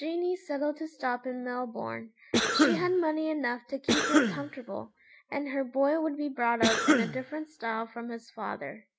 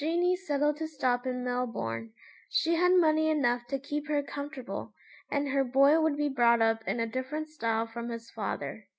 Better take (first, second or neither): second